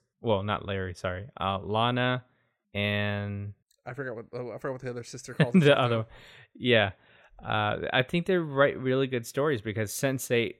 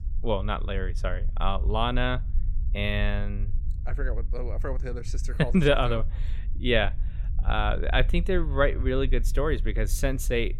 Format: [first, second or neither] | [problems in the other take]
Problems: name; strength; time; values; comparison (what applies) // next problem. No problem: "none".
first | low rumble; faint; throughout; 25 dB below the speech